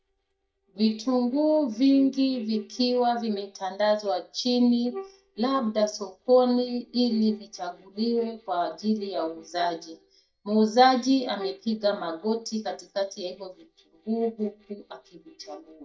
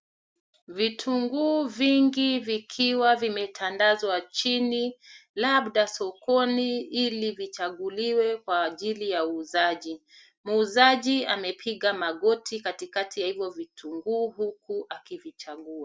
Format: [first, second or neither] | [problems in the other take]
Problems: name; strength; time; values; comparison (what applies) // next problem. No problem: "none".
second | noise reduction (neural mask model DeepFilterNet 3)